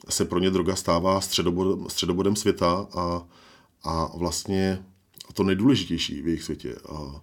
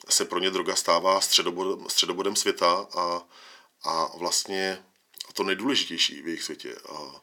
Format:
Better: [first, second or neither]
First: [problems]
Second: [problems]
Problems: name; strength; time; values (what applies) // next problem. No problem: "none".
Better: first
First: none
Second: thin; somewhat; fading below 500 Hz